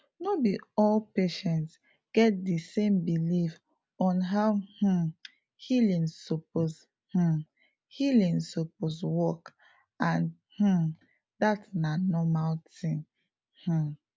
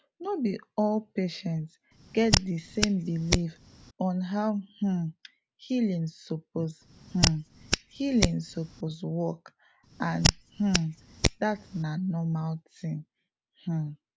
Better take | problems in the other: first | background sound (Hands); as loud as the speech

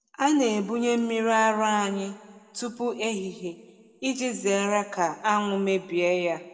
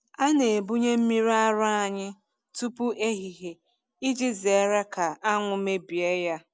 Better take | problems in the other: second | room echo; dies away in 1 s

